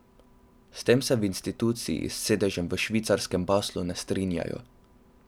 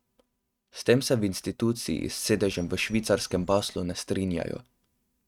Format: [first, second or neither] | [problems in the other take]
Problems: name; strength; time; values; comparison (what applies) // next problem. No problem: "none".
first | noise reduction (neural mask model RNNoise)